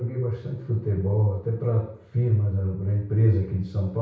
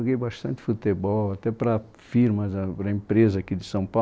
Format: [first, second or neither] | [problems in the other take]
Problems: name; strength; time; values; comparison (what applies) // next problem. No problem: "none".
second | room echo; dies away in 0.6 s